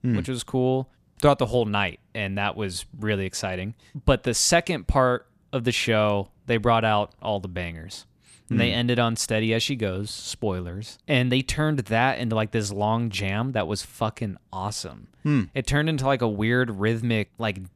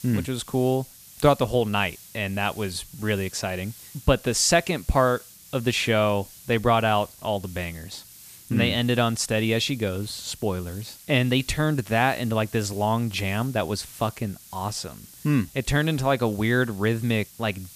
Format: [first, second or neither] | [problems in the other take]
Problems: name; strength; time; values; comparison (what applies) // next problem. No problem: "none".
first | hiss; noticeable; throughout; 20 dB below the speech